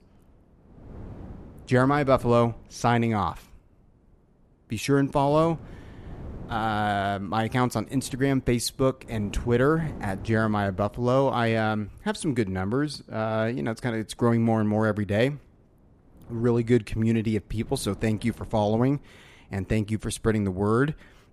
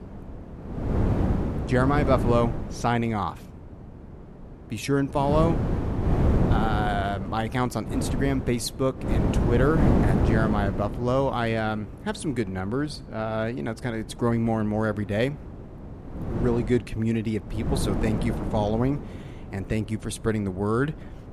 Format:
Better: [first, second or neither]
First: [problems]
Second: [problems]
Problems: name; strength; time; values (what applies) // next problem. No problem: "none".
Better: first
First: wind noise on the microphone; occasional gusts; 25 dB below the speech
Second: wind noise on the microphone; heavy; 5 dB below the speech